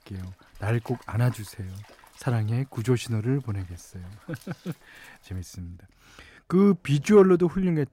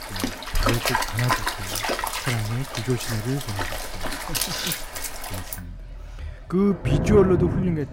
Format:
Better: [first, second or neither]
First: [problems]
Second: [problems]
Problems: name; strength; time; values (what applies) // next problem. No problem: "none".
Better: first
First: rain or running water; faint; throughout; 30 dB below the speech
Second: rain or running water; loud; throughout; 2 dB below the speech